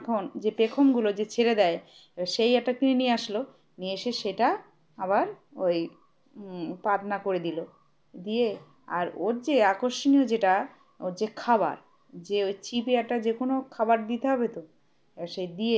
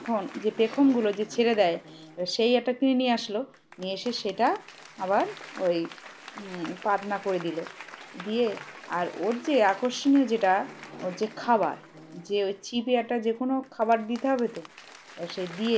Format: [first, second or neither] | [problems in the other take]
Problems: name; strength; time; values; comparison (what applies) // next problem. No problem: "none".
first | background sound (Applause / Crowd); 19 dB below the speech